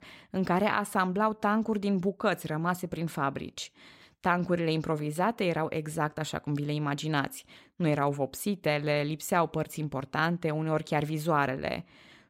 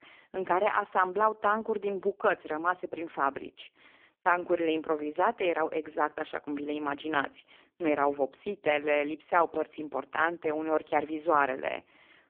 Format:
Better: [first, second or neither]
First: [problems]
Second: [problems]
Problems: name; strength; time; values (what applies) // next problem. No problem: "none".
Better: first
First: none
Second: phone-call audio; poor line